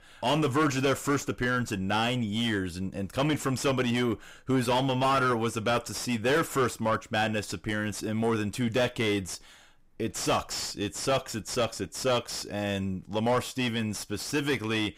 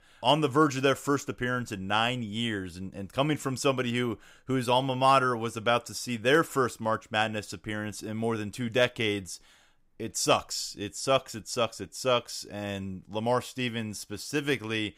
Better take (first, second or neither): second